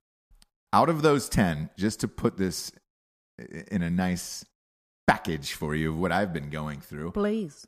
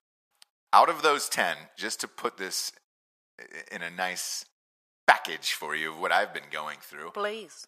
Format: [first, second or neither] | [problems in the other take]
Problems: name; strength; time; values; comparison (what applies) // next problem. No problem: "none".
first | thin; very; fading below 800 Hz